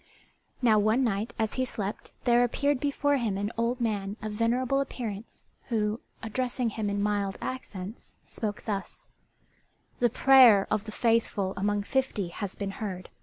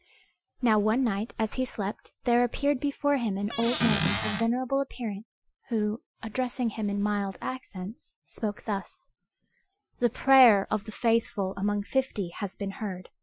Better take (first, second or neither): first